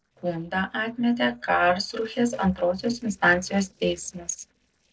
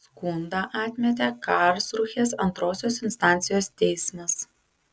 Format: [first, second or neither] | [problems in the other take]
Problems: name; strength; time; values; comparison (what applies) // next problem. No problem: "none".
second | noise reduction (neural separator model SepFormer DNS4)